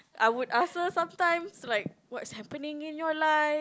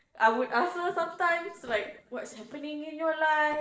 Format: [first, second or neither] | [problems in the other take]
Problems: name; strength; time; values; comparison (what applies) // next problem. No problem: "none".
first | noise reduction (neural separator model SepFormer DNS4)